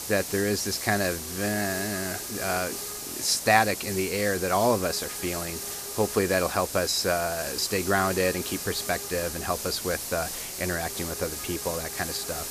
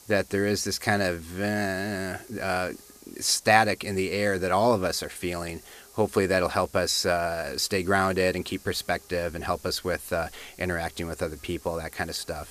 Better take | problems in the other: second | hiss; loud; throughout; 5 dB below the speech; faint in the second

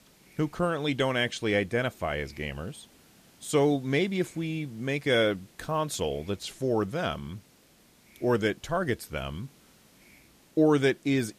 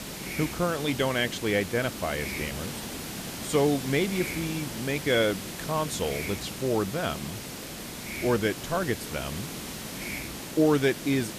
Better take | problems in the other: first | hiss; loud; throughout; 7 dB below the speech; faint in the first

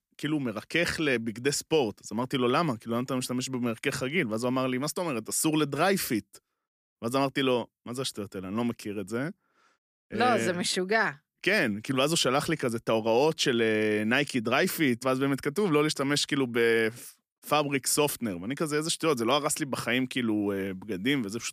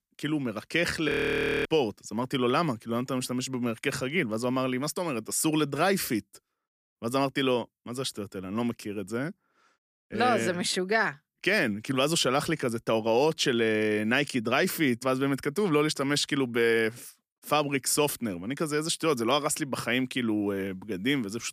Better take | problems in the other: first | audio freezing; at 1 s for 0.5 s

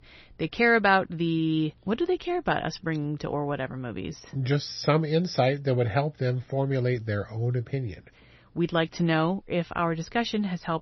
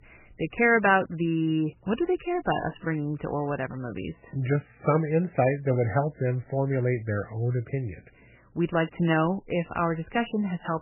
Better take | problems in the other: first | garbled, watery; badly; nothing above 3 kHz; slightly in the first

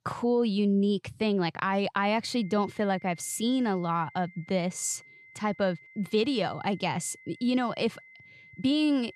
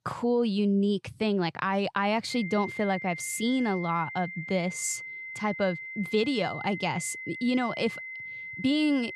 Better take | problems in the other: first | high-pitched whine; loud; from 2.5 s on; 2 kHz, 9 dB below the speech; faint in the first

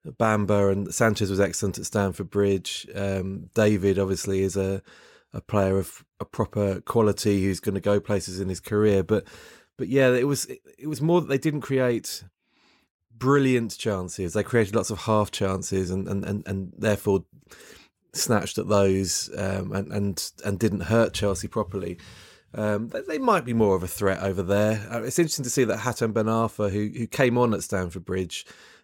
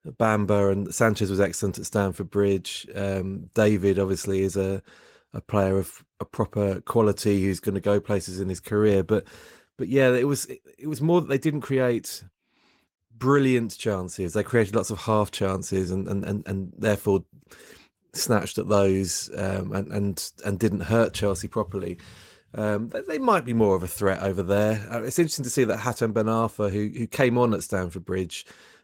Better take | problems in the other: first | garbled, watery; slightly; nothing above 16.5 kHz

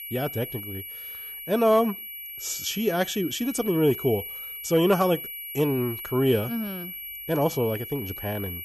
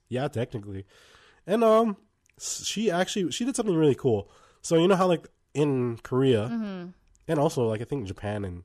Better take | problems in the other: second | high-pitched whine; loud; throughout; 11.5 kHz, 9 dB below the speech

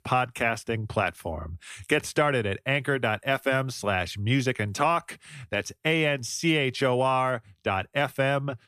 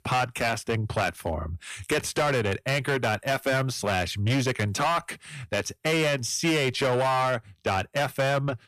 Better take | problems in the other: first | distortion; heavy; 12% of the sound clipped

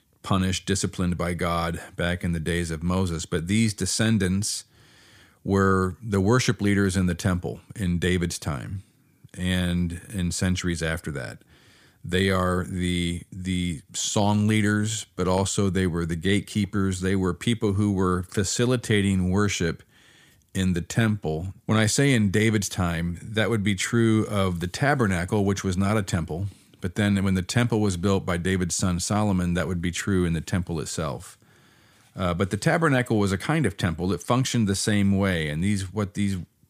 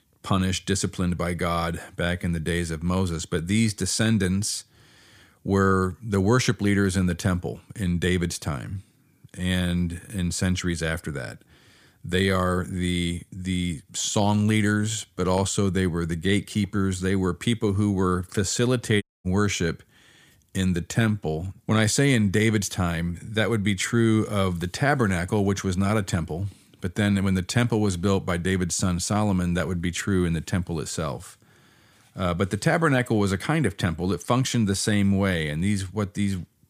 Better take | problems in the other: first | audio cutting out; at 19 s

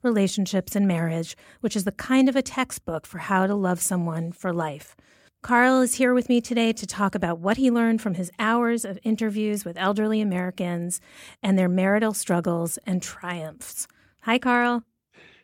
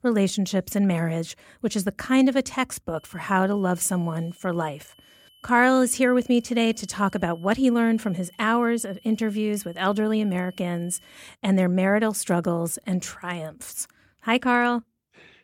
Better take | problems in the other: first | high-pitched whine; faint; from 3 to 11 s; 3 kHz, 30 dB below the speech

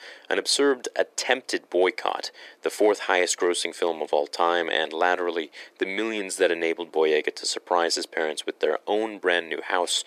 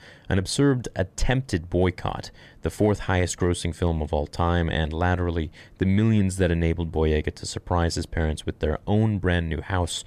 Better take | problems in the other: second | thin; very; fading below 350 Hz

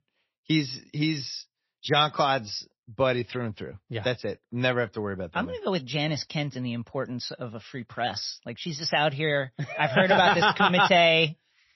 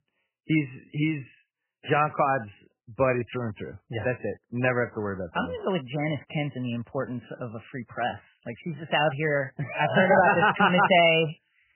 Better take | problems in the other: first | garbled, watery; badly; nothing above 3 kHz; slightly in the first

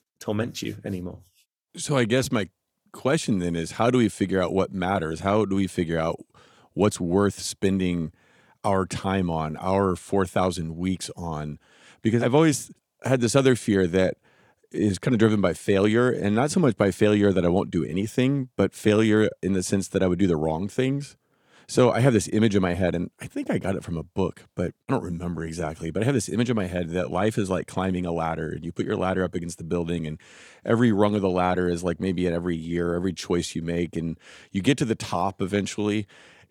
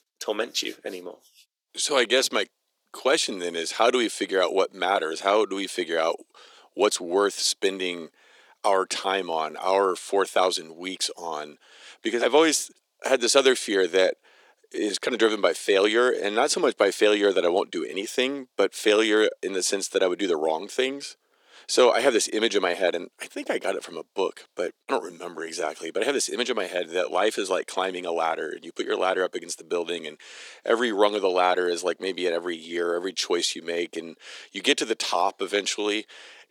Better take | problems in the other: first | thin; very; fading below 350 Hz

